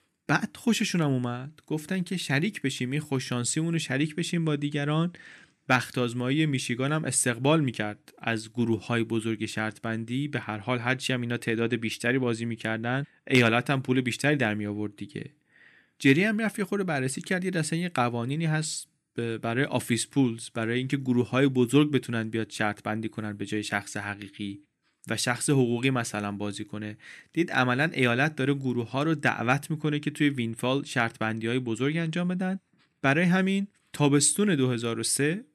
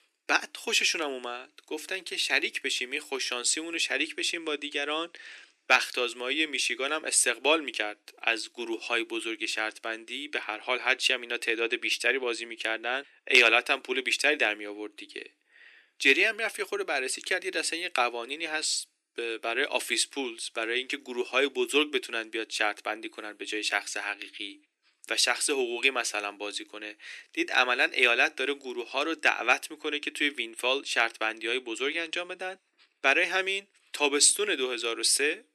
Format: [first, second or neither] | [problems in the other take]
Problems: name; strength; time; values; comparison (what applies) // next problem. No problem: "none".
first | thin; very; fading below 350 Hz